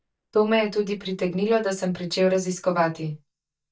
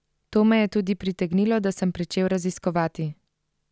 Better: second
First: noise reduction (neural mask model DeepFilterNet 3)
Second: none

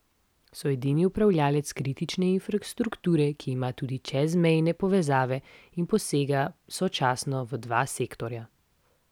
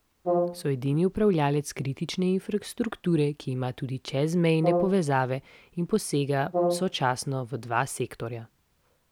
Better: first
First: none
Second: background sound (Brass instrument); 5 dB below the speech

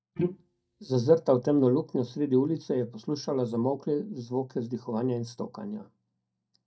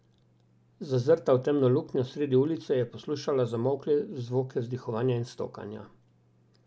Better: second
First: noise reduction (neural mask model DeepFilterNet 3)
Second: none

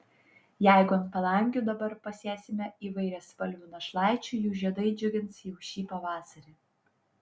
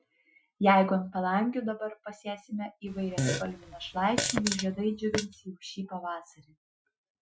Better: first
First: none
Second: noise reduction (classical method Wiener filter)

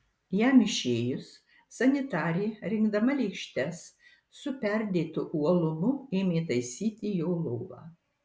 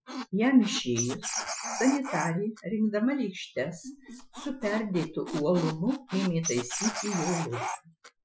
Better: first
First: none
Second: noise reduction (classical method Wiener filter)

